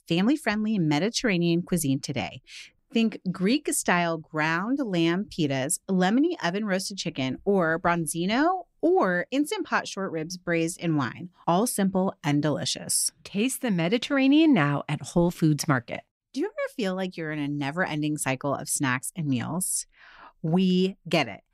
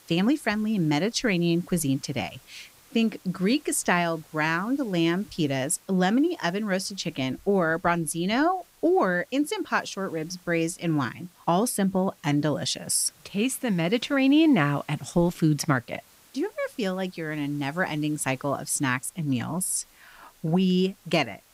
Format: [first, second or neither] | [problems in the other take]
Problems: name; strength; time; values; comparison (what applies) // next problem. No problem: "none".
first | hiss; faint; throughout; 30 dB below the speech